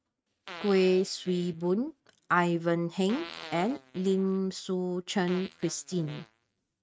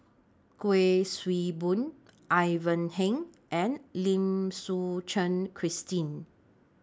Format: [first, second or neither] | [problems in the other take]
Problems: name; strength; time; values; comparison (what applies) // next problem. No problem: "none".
second | noise reduction (neural mask model RNNoise)